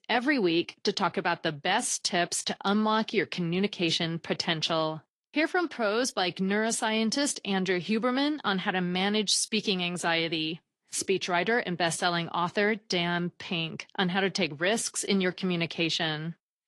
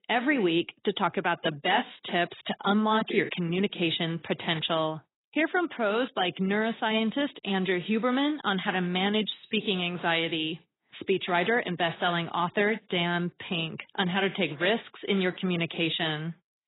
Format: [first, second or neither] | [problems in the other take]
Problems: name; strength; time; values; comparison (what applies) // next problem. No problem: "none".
first | garbled, watery; badly; nothing above 4 kHz; slightly in the first